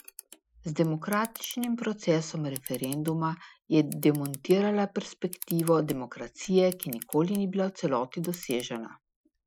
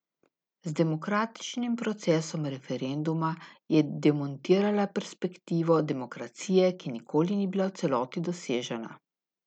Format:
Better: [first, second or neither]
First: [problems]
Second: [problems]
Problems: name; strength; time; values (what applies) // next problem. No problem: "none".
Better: second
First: noise reduction (classical method Wiener filter)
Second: none